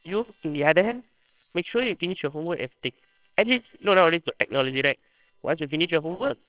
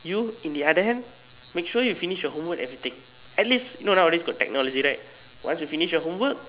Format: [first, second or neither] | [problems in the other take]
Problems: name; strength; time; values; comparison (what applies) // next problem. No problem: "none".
second | noise reduction (neural separator model SepFormer WHAMR!)